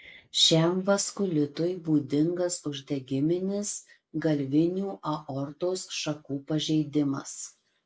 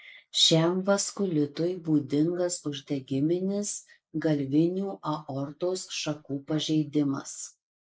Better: first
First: none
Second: noise reduction (neural mask model Resemble Enhance denoiser)

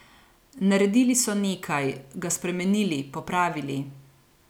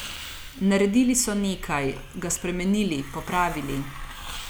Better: first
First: none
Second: background sound (Hiss); 12 dB below the speech

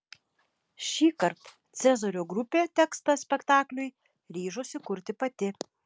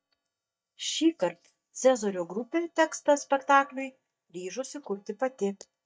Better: first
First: none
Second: noise reduction (neural mask model DeepFilterNet 3)

